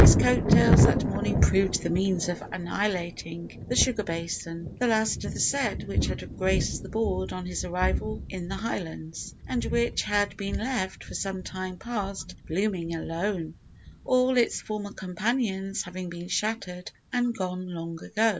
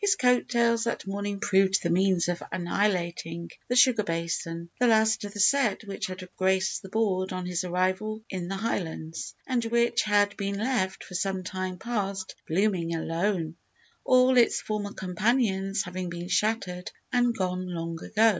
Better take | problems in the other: second | background sound (Thunder); as loud as the speech

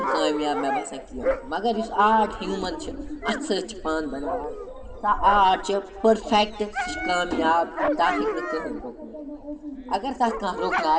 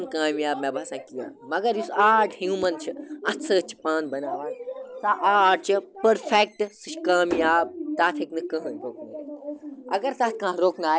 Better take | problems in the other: second | background sound (Dog); 7 dB below the speech // room echo; dies away in 1.9 s

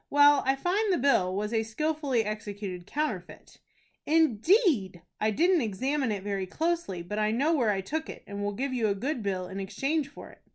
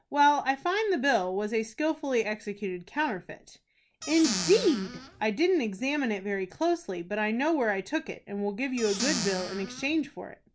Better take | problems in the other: first | background sound (Squeak / Cupboard open or close); 6 dB below the speech

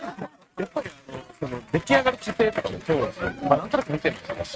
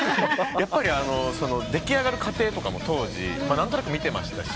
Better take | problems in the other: second | noise reduction (neural mask model RNNoise)

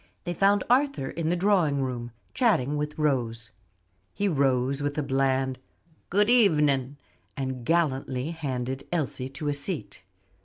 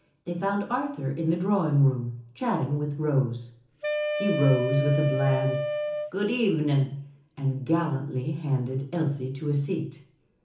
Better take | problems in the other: first | background sound (Wind instrument, woodwind instrument); 3 dB below the speech // room echo; dies away in 0.7 s

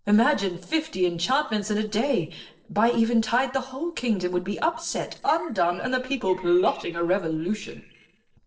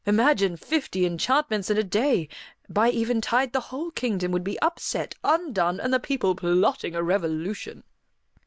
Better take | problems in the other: second | noise reduction (neural separator model SepFormer DNS4)

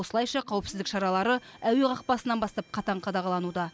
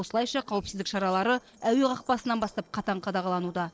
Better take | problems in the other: first | noise reduction (neural separator model SepFormer DNS4)

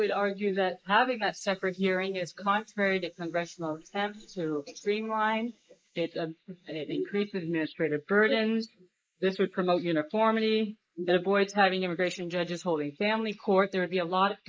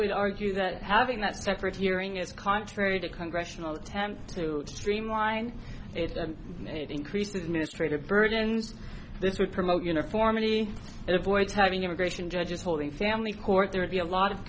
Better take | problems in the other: second | noise reduction (neural mask model Resemble Enhance denoiser)

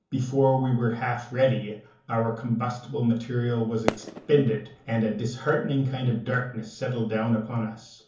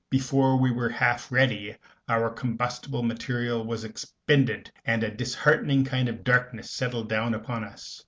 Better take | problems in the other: second | background sound (Fireworks); 8 dB below the speech // room echo; dies away in 0.6 s

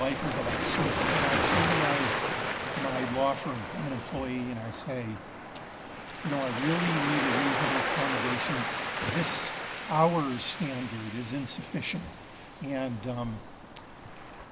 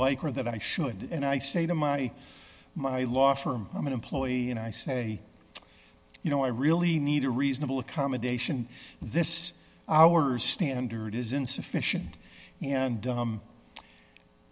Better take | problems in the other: second | background sound (Waves, surf); as loud as the speech

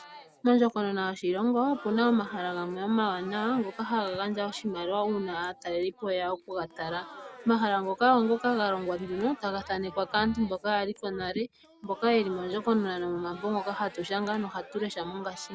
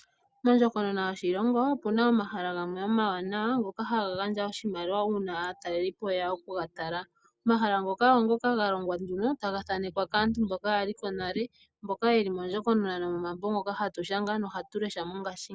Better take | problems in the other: second | background sound (Crowd); 18 dB below the speech

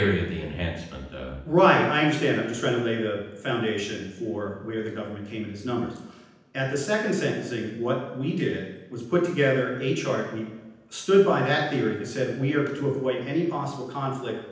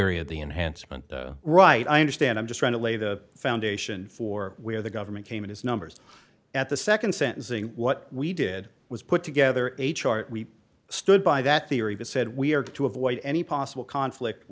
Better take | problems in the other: second | room echo; dies away in 0.9 s

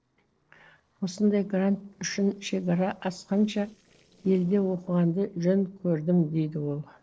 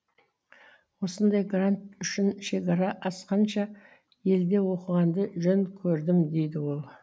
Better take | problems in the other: second | noise reduction (neural separator model SepFormer DNS4)

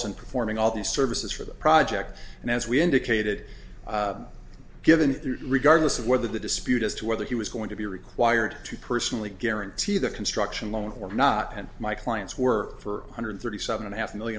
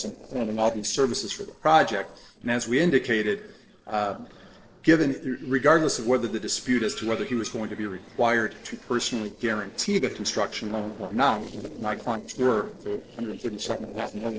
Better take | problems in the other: first | noise reduction (neural separator model SepFormer DNS4)

